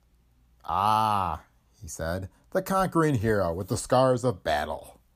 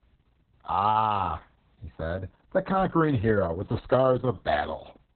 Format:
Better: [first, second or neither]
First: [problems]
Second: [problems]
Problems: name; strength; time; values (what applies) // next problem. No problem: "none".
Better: first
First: none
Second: garbled, watery; badly; nothing above 4 kHz